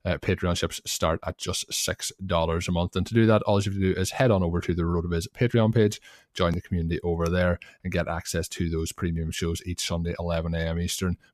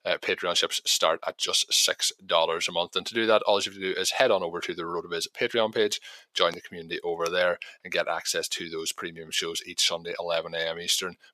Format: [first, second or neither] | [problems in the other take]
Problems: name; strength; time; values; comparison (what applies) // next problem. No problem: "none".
first | thin; very; fading below 550 Hz